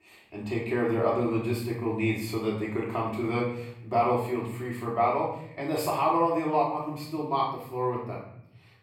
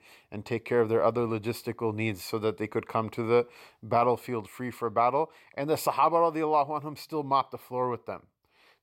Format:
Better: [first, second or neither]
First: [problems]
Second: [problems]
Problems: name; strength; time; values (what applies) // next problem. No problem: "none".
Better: second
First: off-mic speech; far // room echo; noticeable; dies away in 0.8 s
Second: none